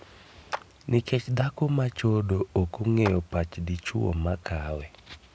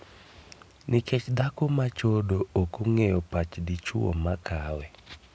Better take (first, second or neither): second